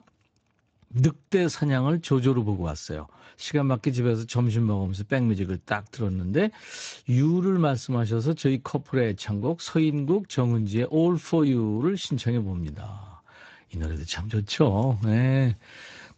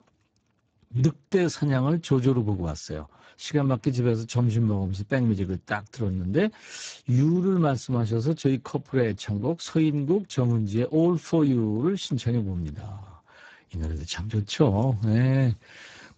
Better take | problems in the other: first | garbled, watery; badly; nothing above 7.5 kHz; slightly in the first

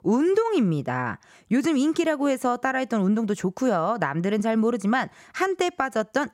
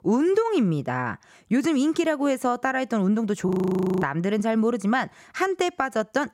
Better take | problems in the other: first | audio freezing; at 3.5 s for 0.5 s

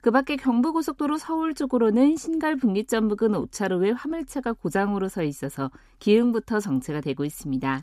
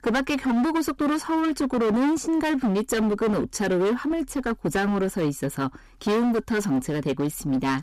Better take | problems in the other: first | distortion; heavy; 23% of the sound clipped

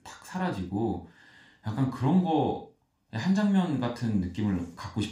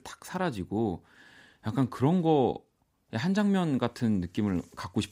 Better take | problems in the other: second | room echo; slight; dies away in 0.3 s // off-mic speech; somewhat distant

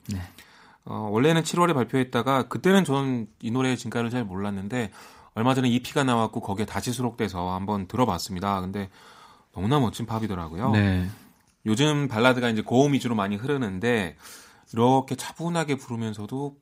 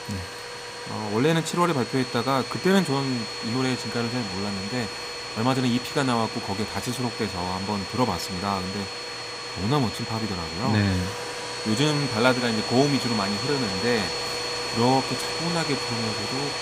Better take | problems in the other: first | household noises; loud; throughout; 4 dB below the speech

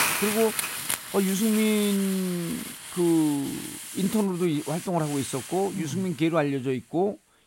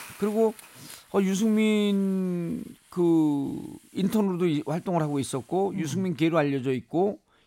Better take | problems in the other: second | hiss; loud; throughout; 6 dB below the speech; faint in the second

